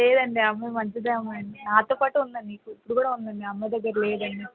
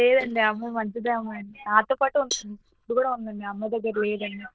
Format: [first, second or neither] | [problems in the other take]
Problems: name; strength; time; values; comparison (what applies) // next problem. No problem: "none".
first | noise reduction (neural diffusion model UNIVERSE++)